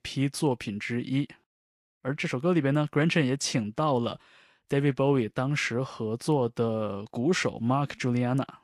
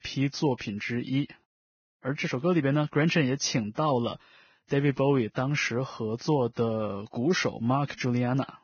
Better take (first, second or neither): first